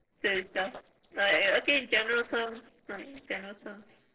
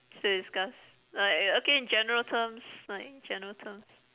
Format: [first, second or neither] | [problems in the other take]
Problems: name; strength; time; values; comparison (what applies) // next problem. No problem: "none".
second | noise reduction (neural separator model SepFormer DNS4)